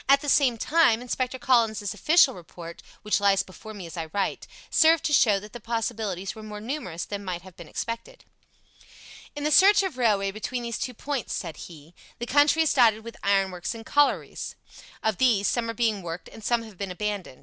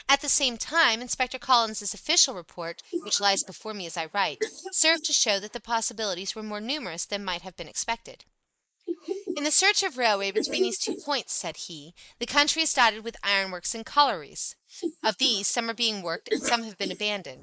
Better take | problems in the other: first | noise reduction (neural mask model Resemble Enhance denoiser)

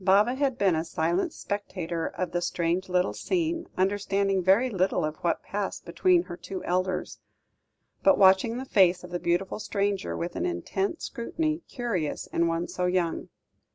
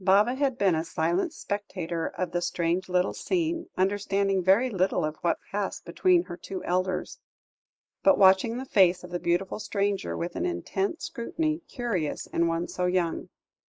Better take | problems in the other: first | noise reduction (neural mask model Resemble Enhance denoiser)

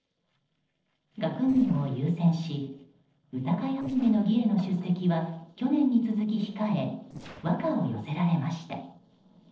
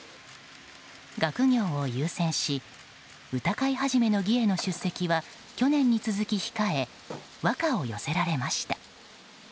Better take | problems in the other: second | noise reduction (neural separator model SepFormer DNS4)

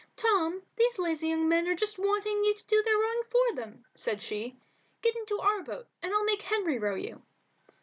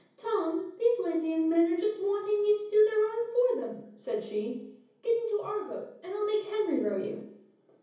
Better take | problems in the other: first | room echo; dies away in 0.7 s

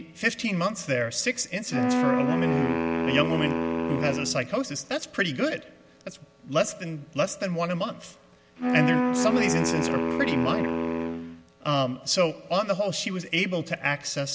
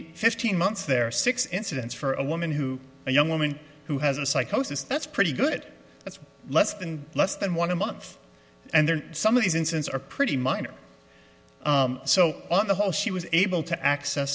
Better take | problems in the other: second | background sound (Wind instrument, woodwind instrument); 1 dB above the speech

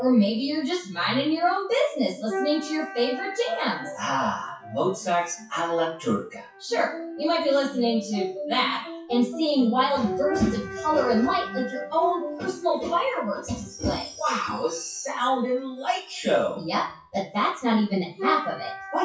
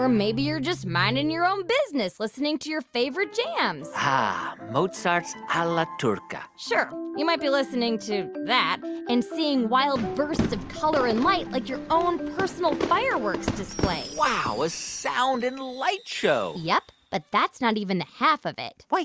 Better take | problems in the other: second | noise reduction (classical method WPE with log-MMSE)

